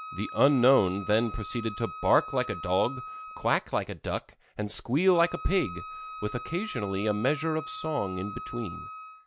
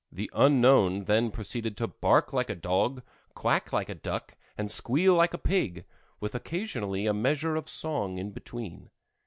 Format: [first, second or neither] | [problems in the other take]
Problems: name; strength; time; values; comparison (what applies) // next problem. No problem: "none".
second | background sound (Wind instrument, woodwind instrument); 13 dB below the speech